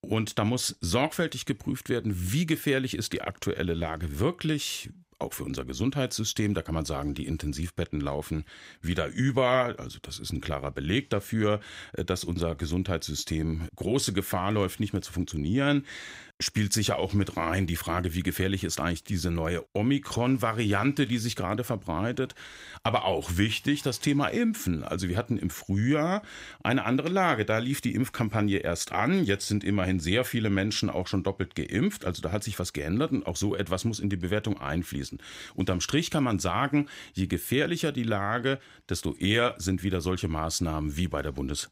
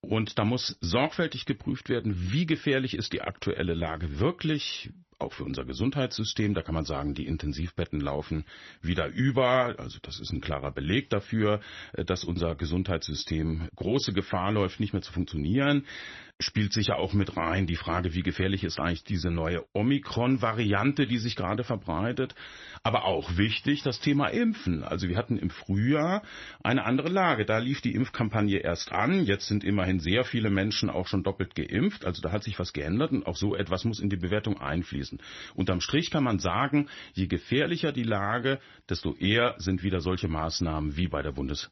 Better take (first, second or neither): first